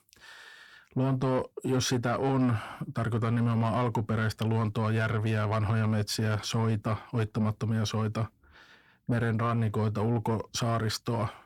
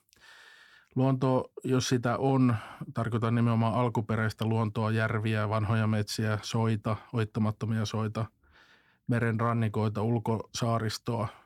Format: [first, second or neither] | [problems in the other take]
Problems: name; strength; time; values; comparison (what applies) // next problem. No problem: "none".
second | distortion; slight; 10 dB below the speech